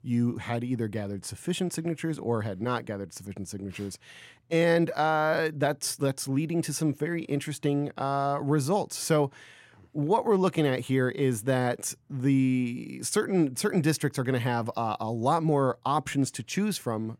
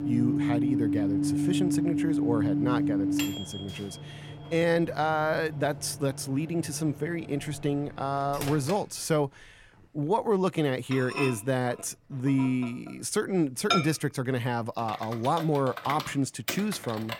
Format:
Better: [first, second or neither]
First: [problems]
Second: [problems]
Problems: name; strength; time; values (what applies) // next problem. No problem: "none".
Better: first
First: none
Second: household noises; loud; throughout; 1 dB below the speech